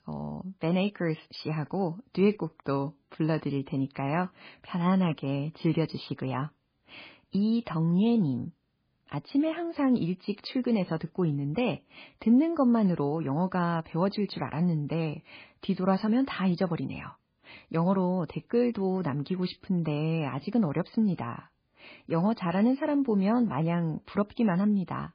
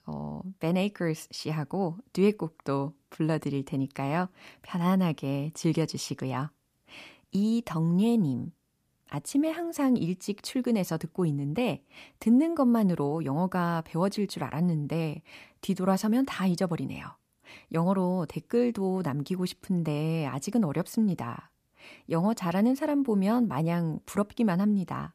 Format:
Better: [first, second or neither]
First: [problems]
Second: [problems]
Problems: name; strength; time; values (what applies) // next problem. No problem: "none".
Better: second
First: garbled, watery; badly; nothing above 5 kHz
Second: none